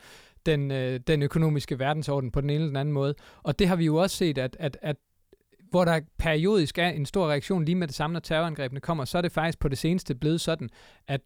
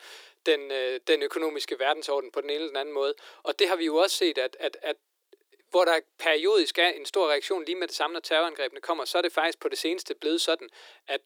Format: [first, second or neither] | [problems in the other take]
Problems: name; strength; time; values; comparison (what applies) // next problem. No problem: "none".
first | thin; very; fading below 350 Hz